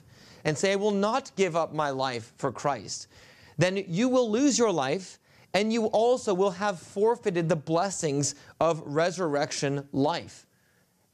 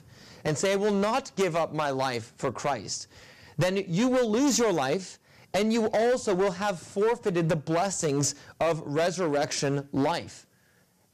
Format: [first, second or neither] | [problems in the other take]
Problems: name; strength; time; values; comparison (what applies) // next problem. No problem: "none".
first | distortion; slight; 10% of the sound clipped